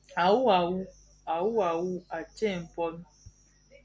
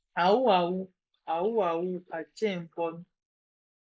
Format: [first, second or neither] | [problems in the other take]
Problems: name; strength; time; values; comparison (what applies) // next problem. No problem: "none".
first | noise reduction (neural mask model Resemble Enhance denoiser)